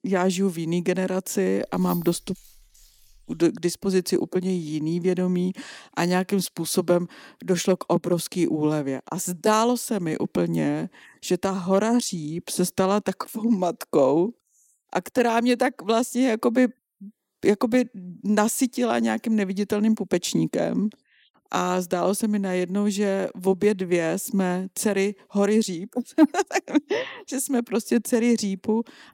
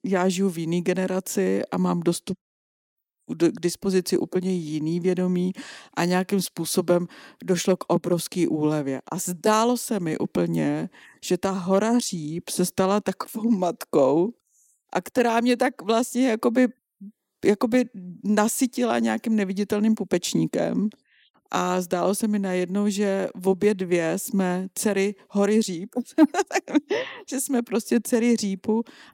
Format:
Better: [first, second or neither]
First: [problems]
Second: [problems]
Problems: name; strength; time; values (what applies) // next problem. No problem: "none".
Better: second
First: jangling keys; faint; from 1.5 to 3.5 s; peak 15 dB below the speech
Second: none